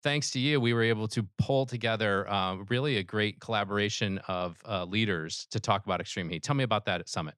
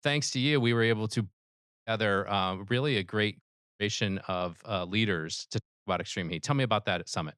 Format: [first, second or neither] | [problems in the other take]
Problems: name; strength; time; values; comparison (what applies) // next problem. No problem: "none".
first | audio cutting out; at 1.5 s for 0.5 s, at 3.5 s and at 5.5 s